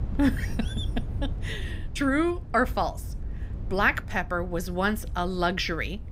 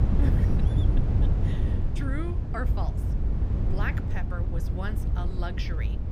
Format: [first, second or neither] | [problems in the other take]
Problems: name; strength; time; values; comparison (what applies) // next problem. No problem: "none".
first | low rumble; loud; throughout; 1 dB below the speech; faint in the first